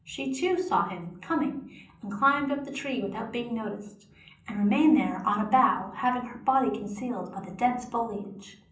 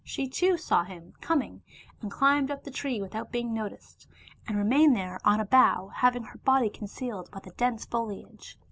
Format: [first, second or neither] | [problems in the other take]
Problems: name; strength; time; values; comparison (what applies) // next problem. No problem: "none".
second | room echo; dies away in 0.6 s